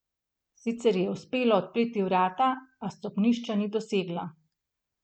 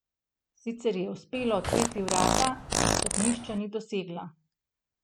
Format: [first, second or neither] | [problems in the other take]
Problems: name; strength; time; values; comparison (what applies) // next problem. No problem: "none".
first | background sound (Fart); 4 dB above the speech